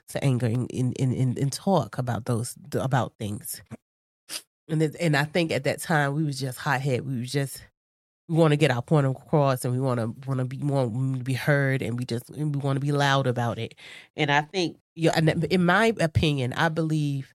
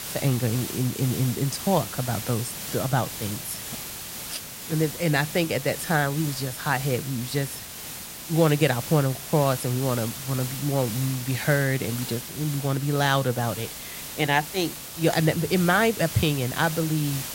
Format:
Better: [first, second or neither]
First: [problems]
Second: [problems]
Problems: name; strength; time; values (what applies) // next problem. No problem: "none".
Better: first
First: none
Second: hiss; loud; throughout; 8 dB below the speech